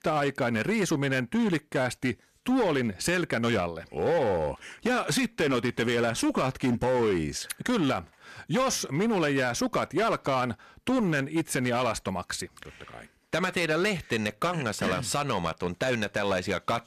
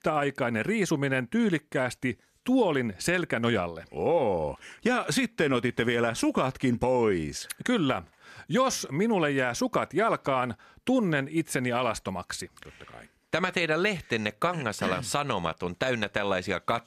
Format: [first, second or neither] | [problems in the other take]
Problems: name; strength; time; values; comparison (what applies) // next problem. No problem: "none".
second | distortion; slight; 11% of the sound clipped